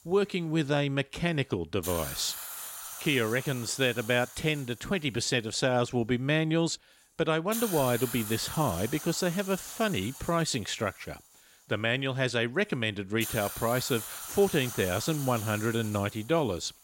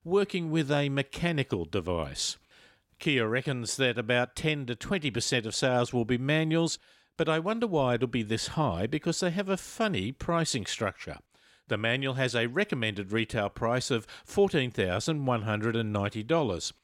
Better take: second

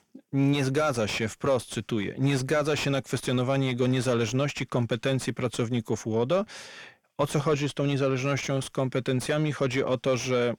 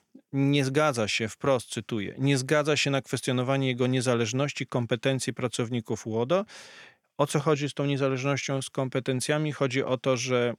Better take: second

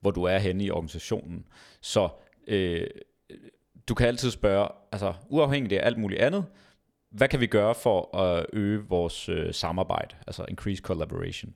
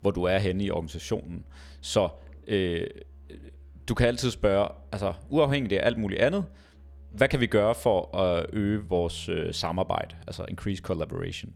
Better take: first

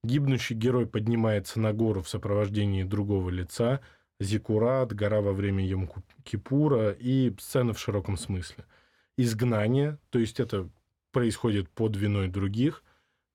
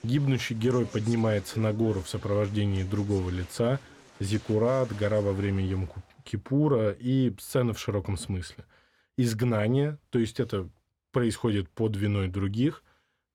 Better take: first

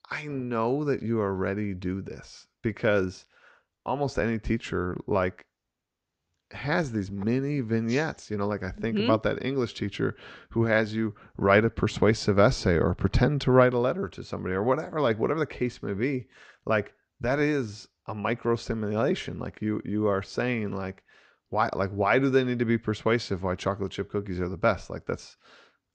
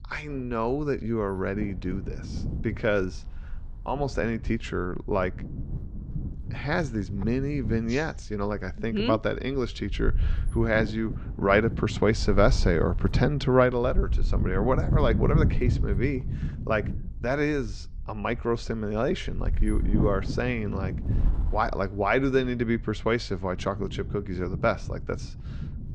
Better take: first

